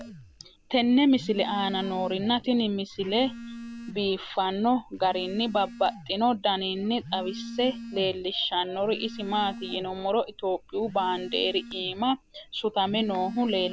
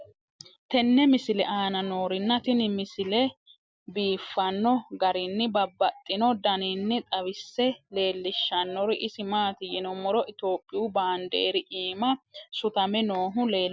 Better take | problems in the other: second | background sound (Telephone); 14 dB below the speech

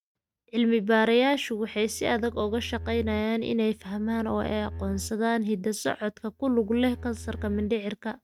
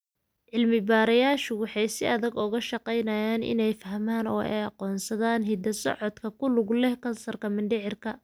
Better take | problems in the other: second | noise reduction (neural mask model RNNoise)

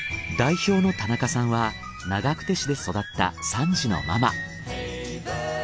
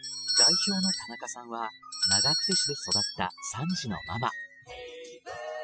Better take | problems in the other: first | noise reduction (classical method spectral subtraction)

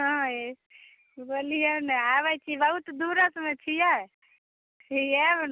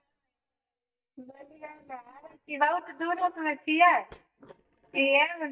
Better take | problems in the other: first | noise reduction (neural mask model DeepFilterNet 3)

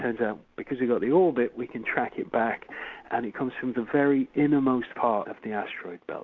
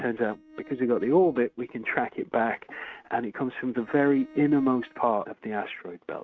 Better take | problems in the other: first | noise reduction (neural mask model RNNoise)

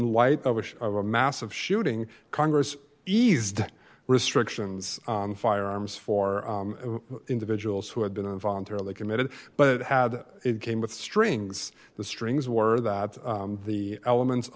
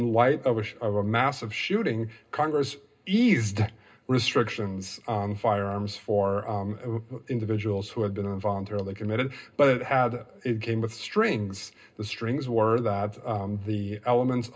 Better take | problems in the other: first | room echo; dies away in 0.2 s

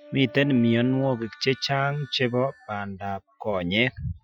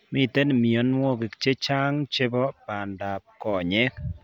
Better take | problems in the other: second | noise reduction (classical method Wiener filter)

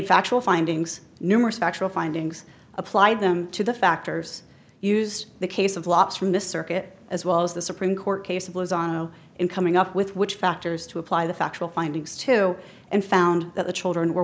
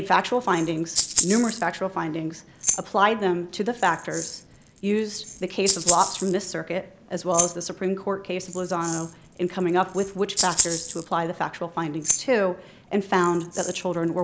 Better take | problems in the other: first | background sound (Rattle (instrument)); 6 dB below the speech

